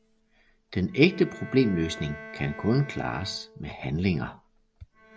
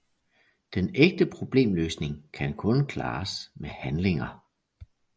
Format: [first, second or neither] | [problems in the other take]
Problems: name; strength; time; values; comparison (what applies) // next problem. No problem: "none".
second | background sound (Bowed string instrument); 18 dB below the speech